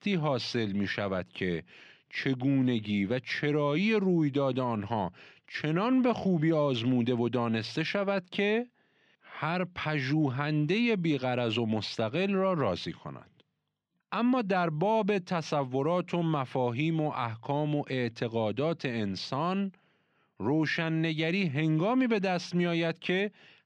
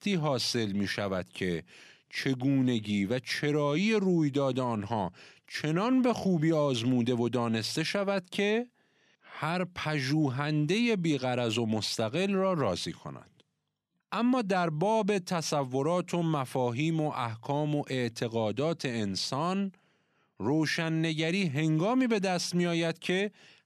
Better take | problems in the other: second | muffled; very slightly; fading above 3 kHz

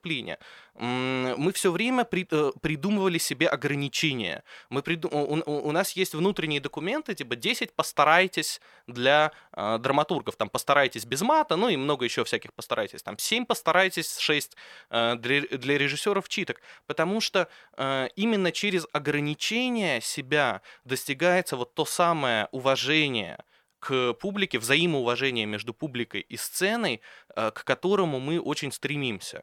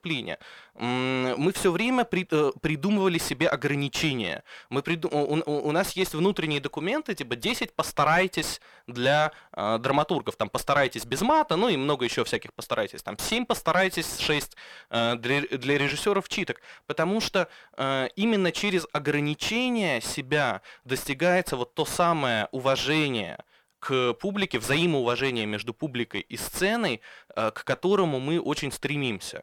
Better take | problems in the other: first | distortion; slight; 10 dB below the speech

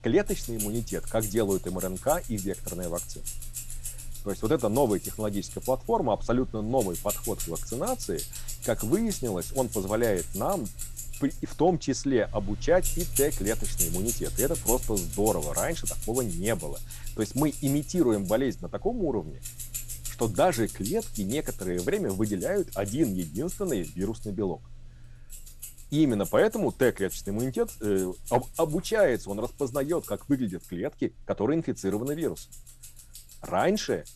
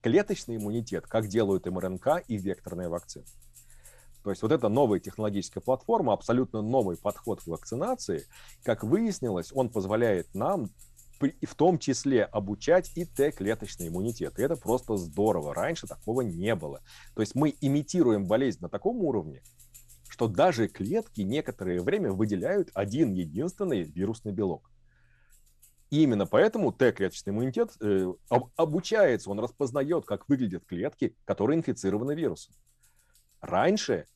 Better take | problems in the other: second | household noises; loud; throughout; 8 dB below the speech; faint in the second

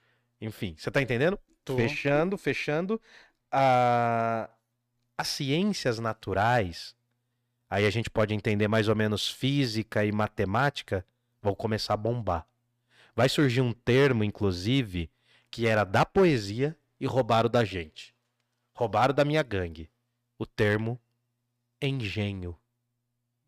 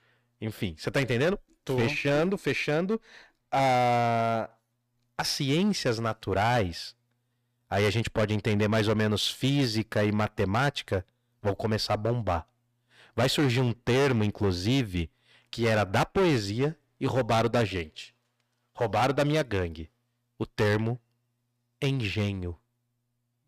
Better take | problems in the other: first | distortion; slight; 9% of the sound clipped

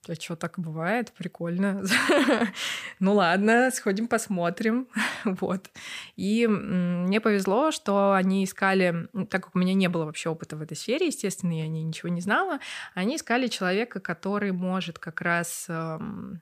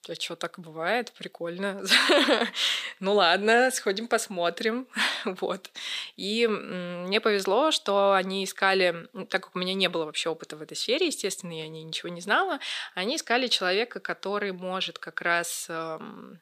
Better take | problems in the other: first | thin; somewhat; fading below 400 Hz

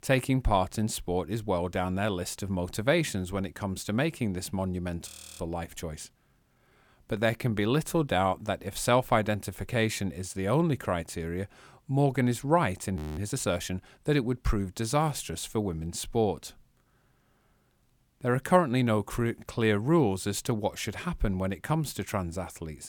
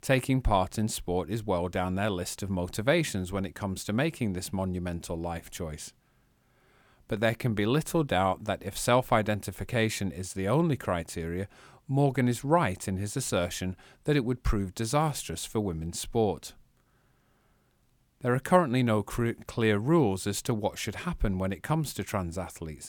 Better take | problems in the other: second | audio freezing; at 5 s and at 13 s

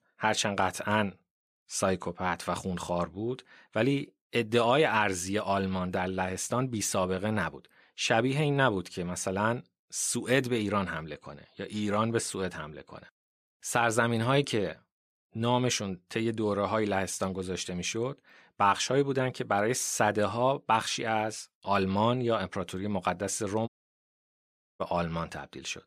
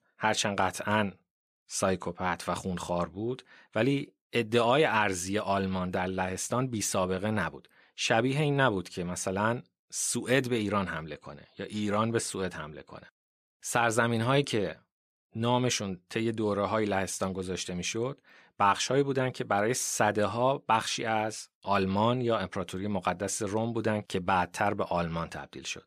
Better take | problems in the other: second | audio cutting out; at 24 s for 1 s

